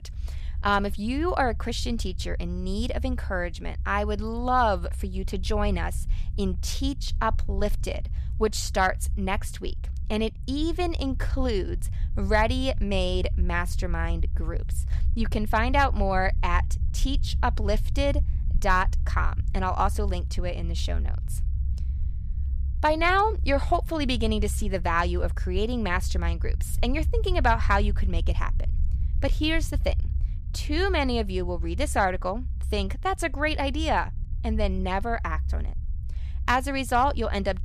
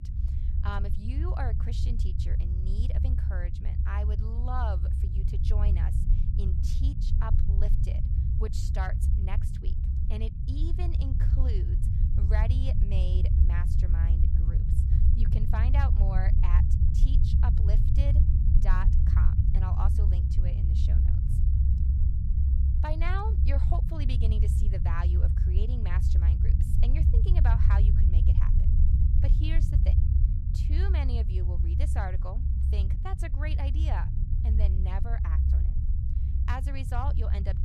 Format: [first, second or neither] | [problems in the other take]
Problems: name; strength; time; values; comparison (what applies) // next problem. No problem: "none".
first | low rumble; loud; throughout; 3 dB below the speech; faint in the first